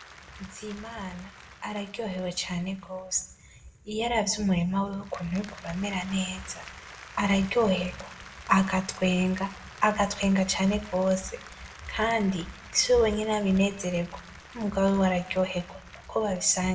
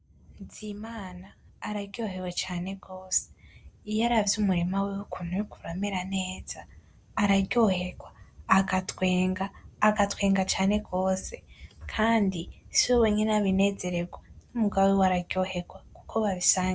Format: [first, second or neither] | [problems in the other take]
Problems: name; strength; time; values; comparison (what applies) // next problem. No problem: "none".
second | background sound (Applause); 20 dB below the speech // room echo; dies away in 0.6 s